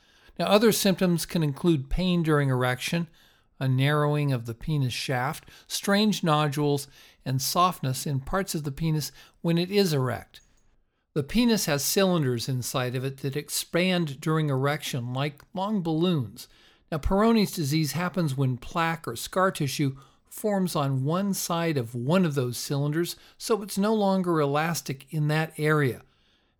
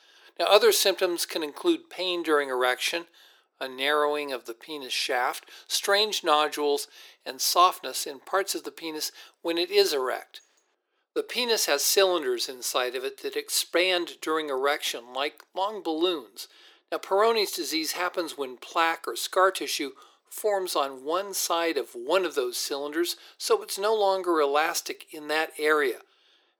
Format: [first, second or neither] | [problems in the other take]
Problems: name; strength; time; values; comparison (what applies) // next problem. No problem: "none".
first | thin; very; fading below 350 Hz